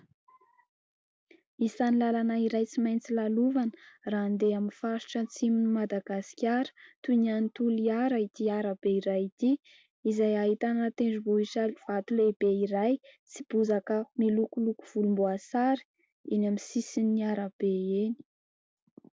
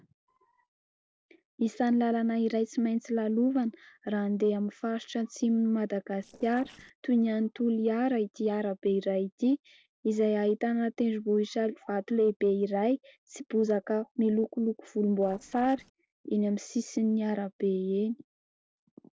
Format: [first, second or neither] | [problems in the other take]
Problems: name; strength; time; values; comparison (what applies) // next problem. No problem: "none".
first | noise reduction (neural separator model SepFormer DNS4)